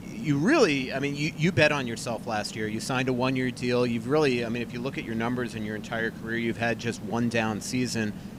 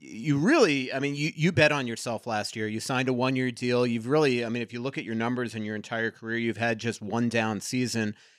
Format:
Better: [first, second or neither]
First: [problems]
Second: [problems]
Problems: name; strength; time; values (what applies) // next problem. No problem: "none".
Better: second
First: hiss; noticeable; throughout; 15 dB below the speech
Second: none